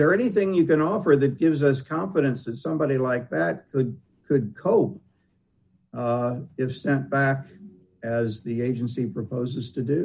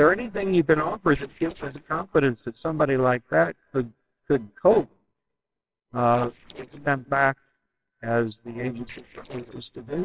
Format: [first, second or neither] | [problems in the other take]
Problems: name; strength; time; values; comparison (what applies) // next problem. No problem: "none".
first | noise reduction (neural separator model SepFormer WHAMR!)